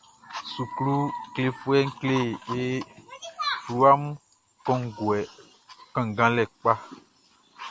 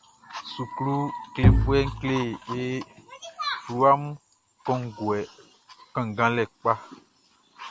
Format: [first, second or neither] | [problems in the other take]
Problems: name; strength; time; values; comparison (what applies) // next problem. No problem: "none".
first | background sound (Bowed string instrument); 5 dB above the speech